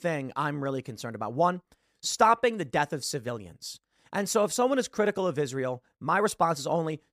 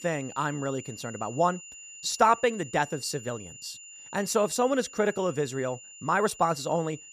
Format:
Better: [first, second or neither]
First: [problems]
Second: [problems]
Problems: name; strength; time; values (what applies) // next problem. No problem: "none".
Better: first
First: none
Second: high-pitched whine; noticeable; throughout; 7 kHz, 15 dB below the speech